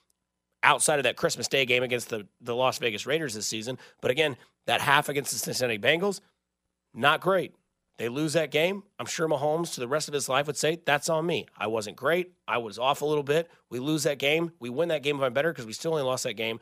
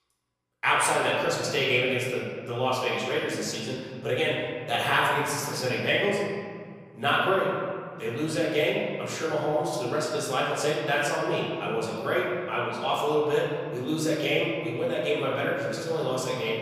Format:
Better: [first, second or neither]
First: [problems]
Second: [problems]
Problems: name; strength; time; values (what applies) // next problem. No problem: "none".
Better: first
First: none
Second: room echo; noticeable; dies away in 1.9 s // off-mic speech; far